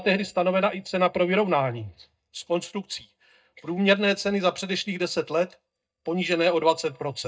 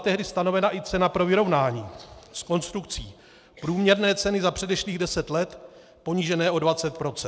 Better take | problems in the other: second | noise reduction (neural mask model DeepFilterNet 3)

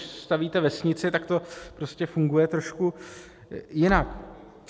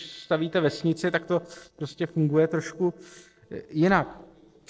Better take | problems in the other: first | noise reduction (neural separator model SepFormer DNS4)

